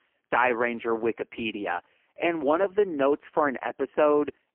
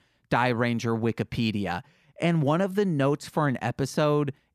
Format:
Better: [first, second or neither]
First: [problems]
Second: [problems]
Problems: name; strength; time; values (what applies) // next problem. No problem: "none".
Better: second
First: phone-call audio; poor line; nothing above 3 kHz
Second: none